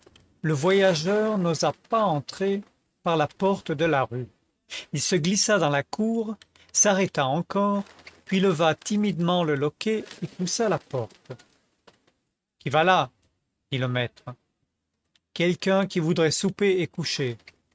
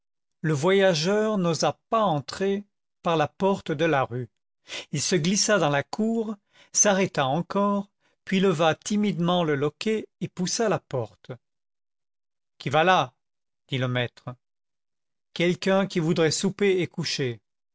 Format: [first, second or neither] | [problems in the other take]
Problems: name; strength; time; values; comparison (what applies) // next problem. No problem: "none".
second | noise reduction (neural mask model RNNoise)